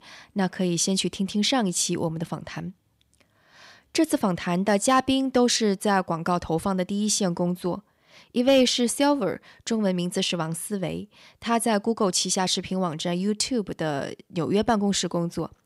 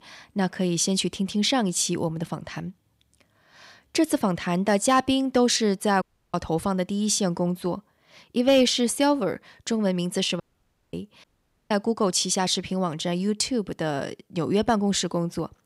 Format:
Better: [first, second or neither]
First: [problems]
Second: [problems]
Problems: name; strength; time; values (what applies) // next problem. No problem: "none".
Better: first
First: none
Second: audio cutting out; at 6 s, at 10 s for 0.5 s and at 11 s